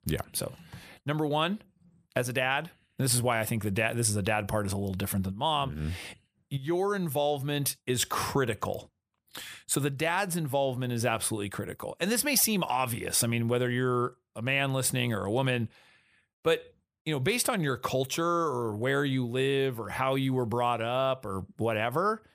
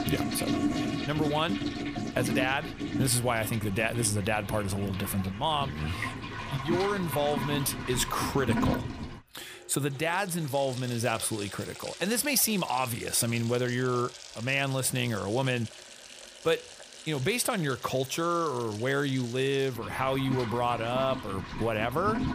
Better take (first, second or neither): first